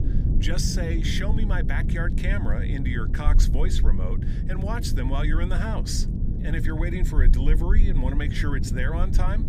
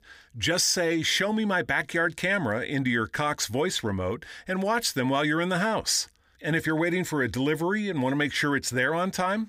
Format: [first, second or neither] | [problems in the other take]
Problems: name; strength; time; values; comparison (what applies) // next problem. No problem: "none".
second | low rumble; loud; throughout; 7 dB below the speech